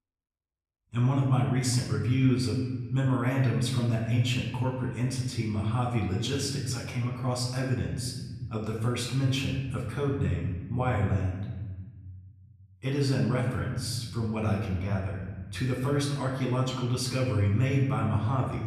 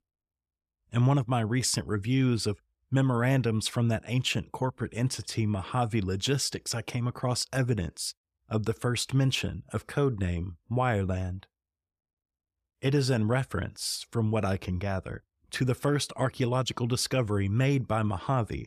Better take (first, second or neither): second